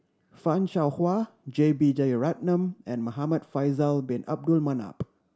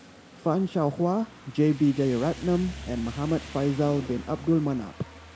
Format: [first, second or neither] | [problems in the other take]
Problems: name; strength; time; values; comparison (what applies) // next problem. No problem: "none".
first | background sound (Rain); 16 dB below the speech